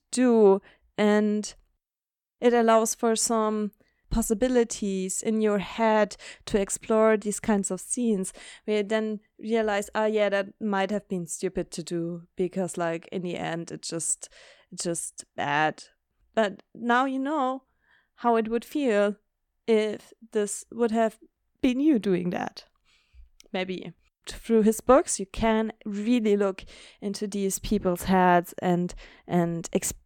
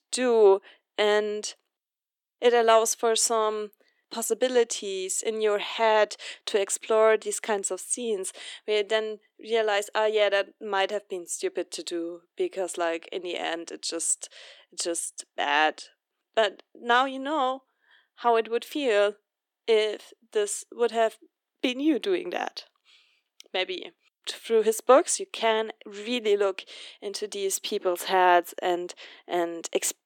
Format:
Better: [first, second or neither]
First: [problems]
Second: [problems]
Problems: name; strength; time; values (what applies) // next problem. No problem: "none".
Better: first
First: none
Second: thin; somewhat; fading below 300 Hz